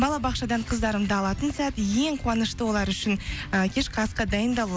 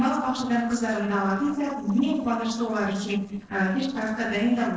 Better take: first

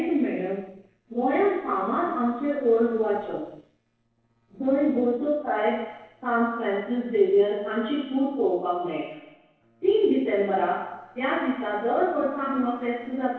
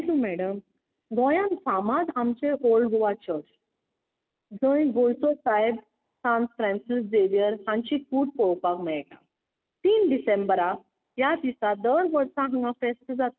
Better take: second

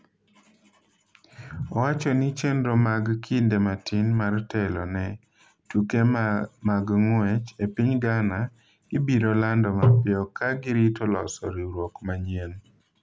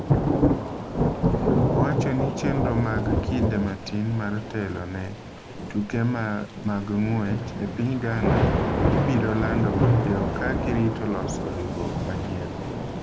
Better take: first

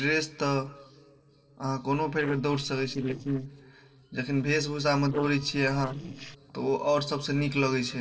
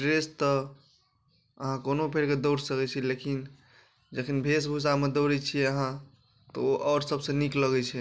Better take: second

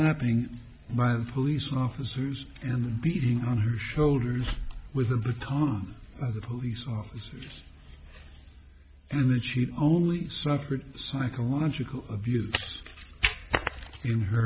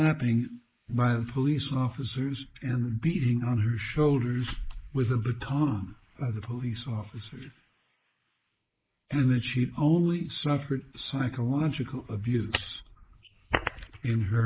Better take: first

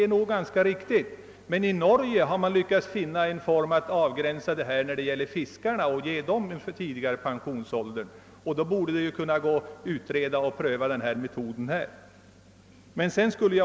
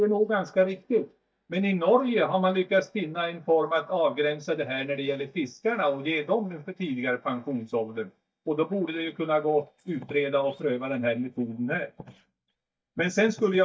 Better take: first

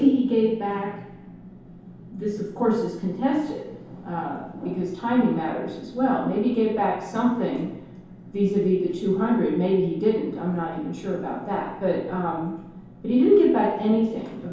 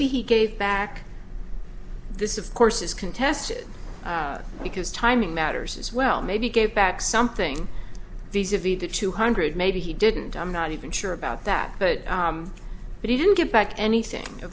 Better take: second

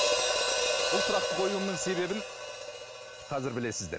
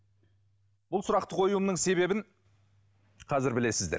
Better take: second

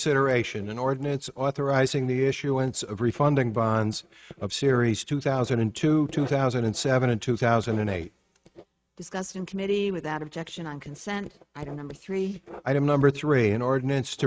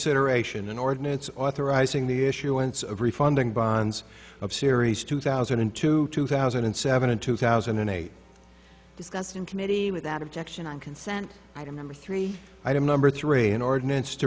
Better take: second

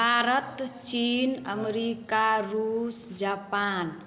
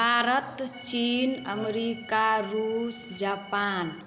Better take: first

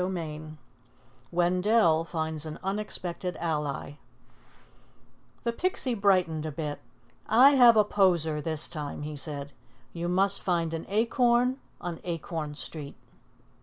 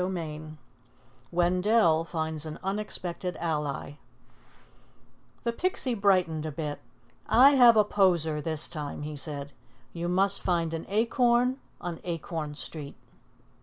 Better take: first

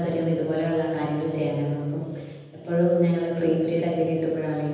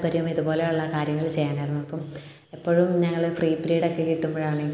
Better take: second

